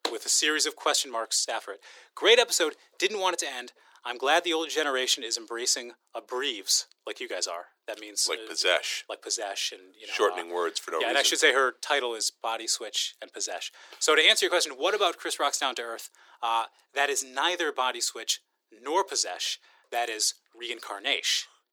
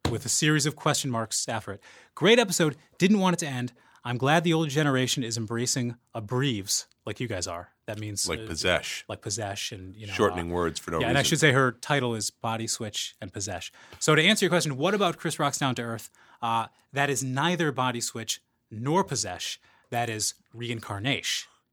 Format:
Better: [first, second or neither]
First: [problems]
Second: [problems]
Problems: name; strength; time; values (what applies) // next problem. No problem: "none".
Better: second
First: thin; very; fading below 350 Hz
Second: none